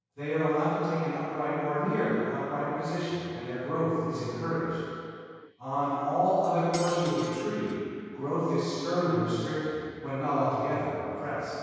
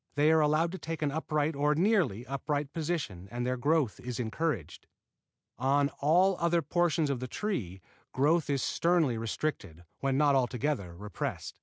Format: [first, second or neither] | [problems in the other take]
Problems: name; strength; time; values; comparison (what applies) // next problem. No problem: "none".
second | background sound (Cutlery, silverware); 15 dB below the speech // room echo; dies away in 2.2 s